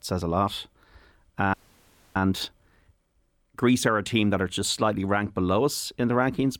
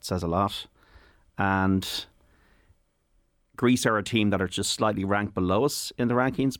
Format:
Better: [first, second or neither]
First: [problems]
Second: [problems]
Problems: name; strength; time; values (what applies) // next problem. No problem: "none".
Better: second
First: audio freezing; at 1.5 s for 0.5 s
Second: none